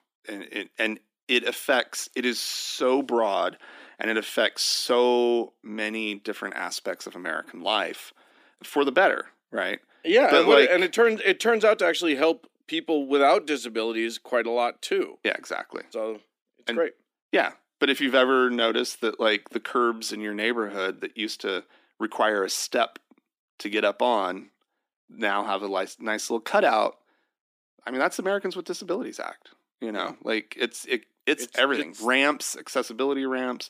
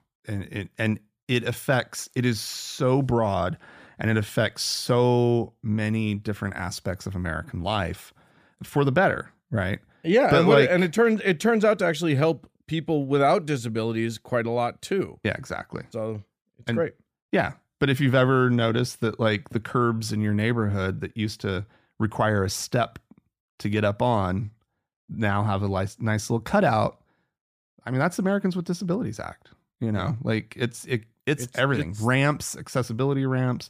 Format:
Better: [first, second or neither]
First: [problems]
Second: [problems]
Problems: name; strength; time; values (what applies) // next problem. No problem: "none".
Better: second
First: thin; somewhat; fading below 250 Hz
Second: none